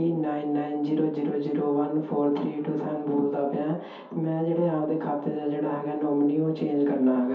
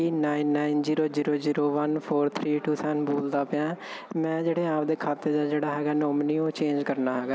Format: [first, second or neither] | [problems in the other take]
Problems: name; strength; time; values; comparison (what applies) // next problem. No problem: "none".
second | room echo; dies away in 0.5 s